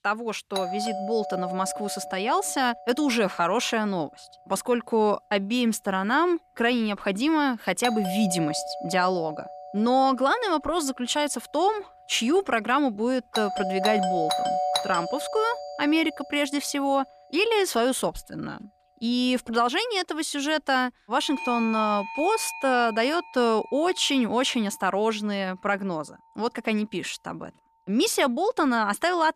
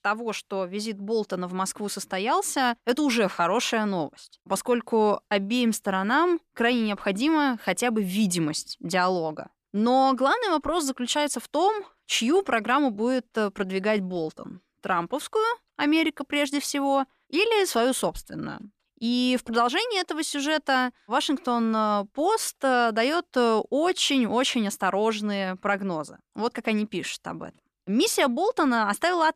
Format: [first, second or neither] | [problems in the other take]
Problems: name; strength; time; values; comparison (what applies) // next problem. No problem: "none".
second | alarms or sirens; loud; throughout; 7 dB below the speech